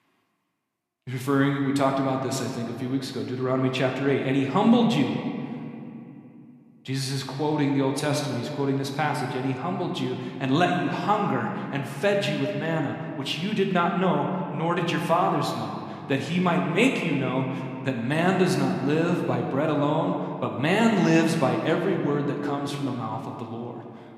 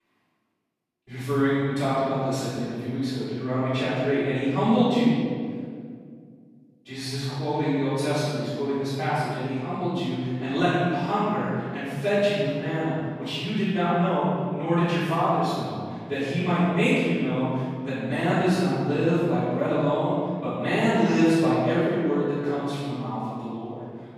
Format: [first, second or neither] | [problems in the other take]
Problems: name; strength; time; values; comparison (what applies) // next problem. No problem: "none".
first | room echo; strong; dies away in 2 s; slight in the first // off-mic speech; far